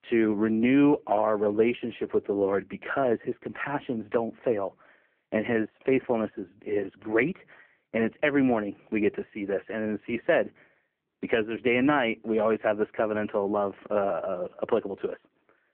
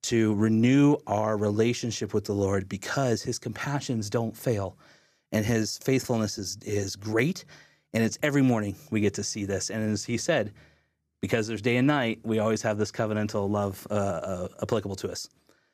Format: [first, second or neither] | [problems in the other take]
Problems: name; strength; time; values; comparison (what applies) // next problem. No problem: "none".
second | phone-call audio; poor line